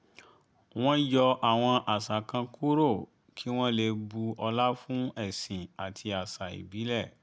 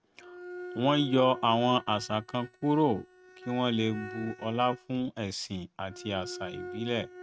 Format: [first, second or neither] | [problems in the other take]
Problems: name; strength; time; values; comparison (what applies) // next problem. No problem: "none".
first | noise reduction (neural mask model RNNoise)